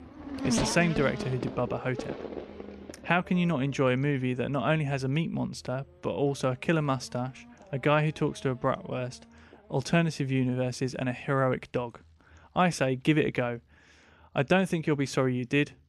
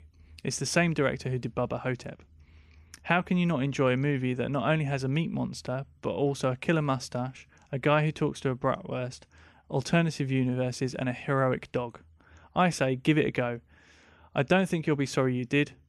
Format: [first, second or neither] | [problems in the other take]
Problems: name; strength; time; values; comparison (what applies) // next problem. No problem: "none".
second | traffic noise; loud; throughout; 7 dB below the speech